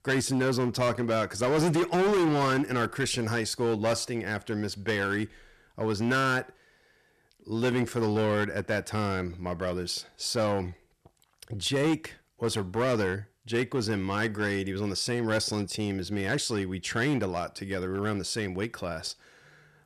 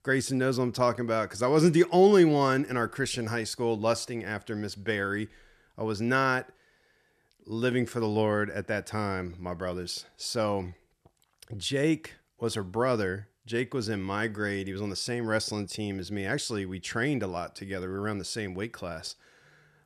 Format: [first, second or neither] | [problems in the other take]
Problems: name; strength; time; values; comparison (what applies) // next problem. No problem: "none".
second | distortion; heavy; 9% of the sound clipped